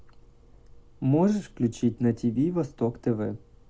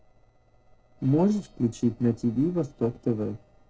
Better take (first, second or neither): first